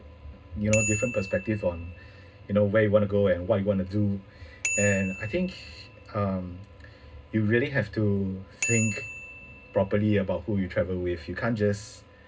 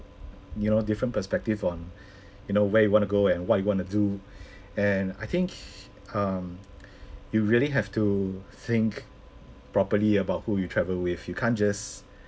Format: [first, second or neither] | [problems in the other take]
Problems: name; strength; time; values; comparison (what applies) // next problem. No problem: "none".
second | background sound (Bicycle bell); 11 dB below the speech // room echo; dies away in 0.2 s